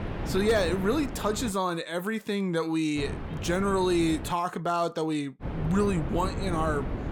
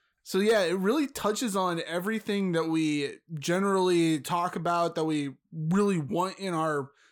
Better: second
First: wind noise on the microphone; occasional gusts; until 1.5 s, from 3 to 4.5 s and from 5.5 s on; 10 dB below the speech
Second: none

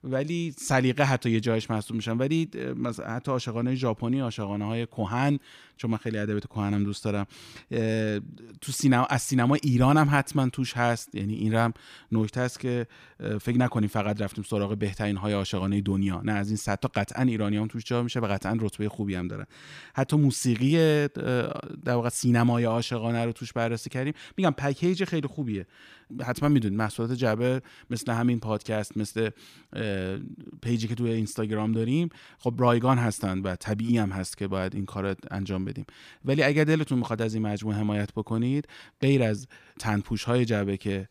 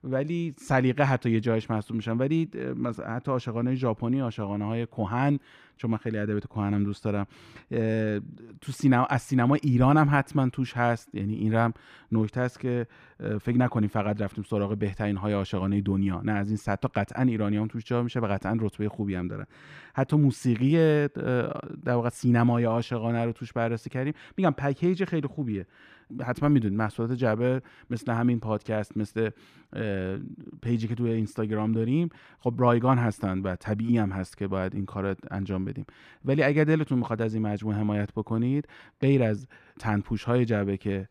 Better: first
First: none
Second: muffled; slightly; fading above 3 kHz

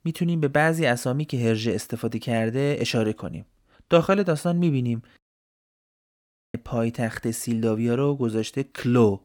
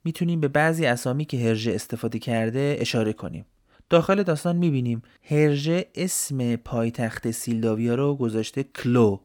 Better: second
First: audio cutting out; at 5 s for 1.5 s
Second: none

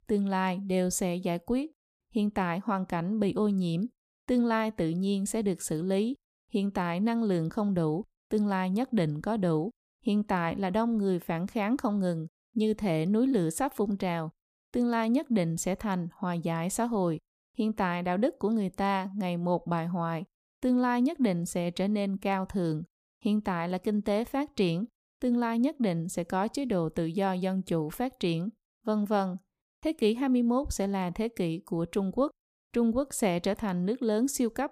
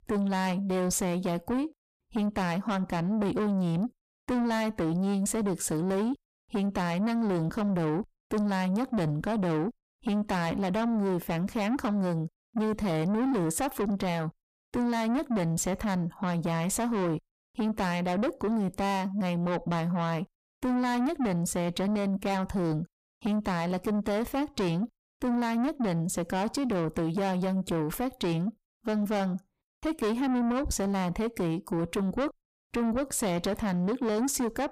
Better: first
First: none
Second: distortion; heavy; 7 dB below the speech

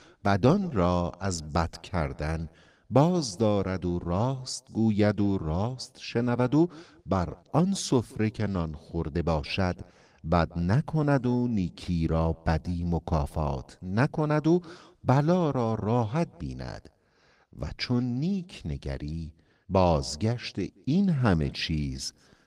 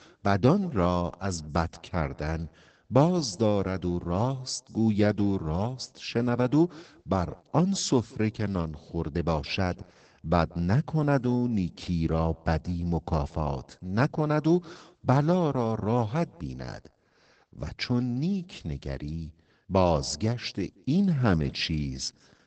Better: first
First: garbled, watery; slightly; nothing above 15.5 kHz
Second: garbled, watery; badly; nothing above 8 kHz

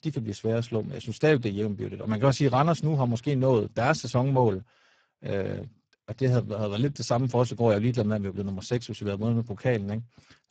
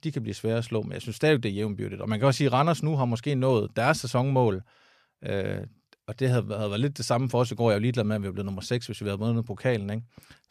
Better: second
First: garbled, watery; badly; nothing above 7.5 kHz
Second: none

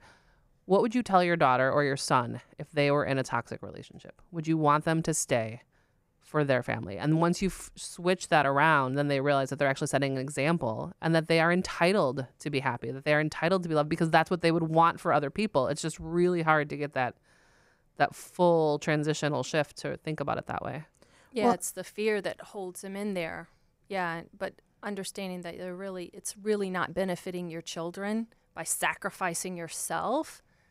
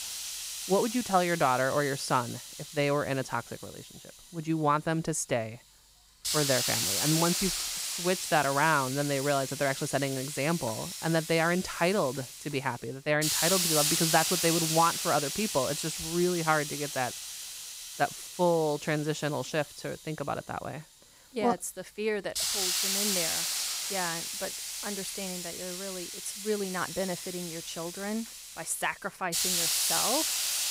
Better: first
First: none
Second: hiss; loud; throughout; as loud as the speech

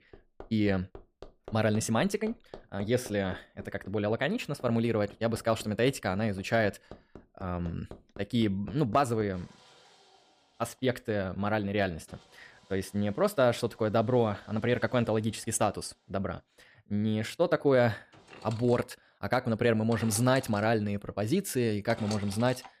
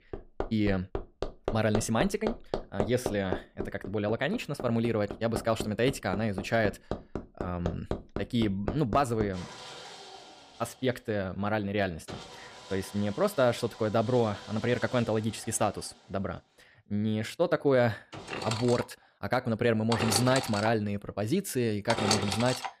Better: first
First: machinery noise; faint; throughout; 20 dB below the speech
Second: machinery noise; loud; throughout; 8 dB below the speech

